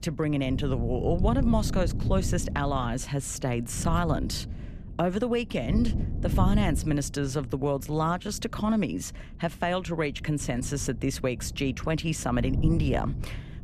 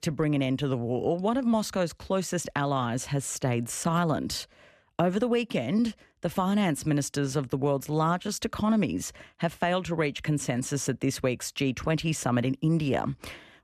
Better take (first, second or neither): second